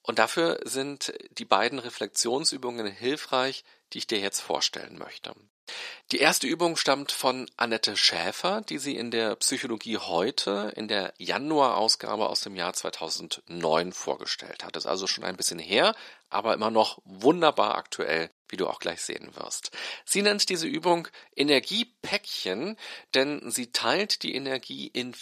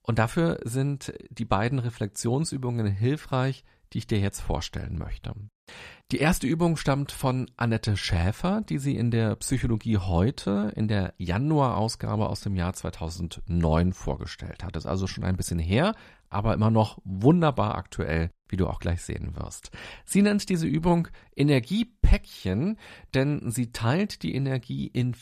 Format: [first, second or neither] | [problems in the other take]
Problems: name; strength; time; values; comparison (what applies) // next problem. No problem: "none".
second | thin; somewhat; fading below 350 Hz